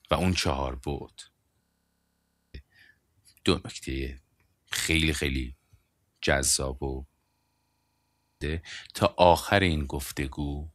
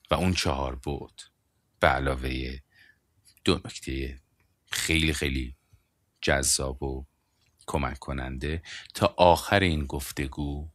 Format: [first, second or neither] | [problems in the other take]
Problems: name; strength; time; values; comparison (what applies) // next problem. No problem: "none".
second | audio freezing; at 1.5 s for 1 s and at 7.5 s for 1 s